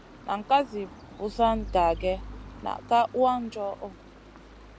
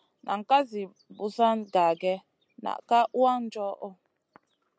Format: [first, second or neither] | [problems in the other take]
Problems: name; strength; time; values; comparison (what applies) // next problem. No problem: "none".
second | background sound (Stream); 14 dB below the speech